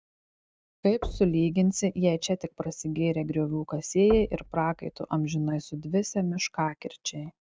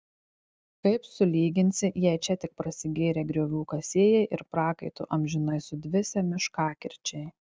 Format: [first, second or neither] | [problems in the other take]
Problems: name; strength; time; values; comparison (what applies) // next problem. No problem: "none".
second | background sound (Knock); 15 dB below the speech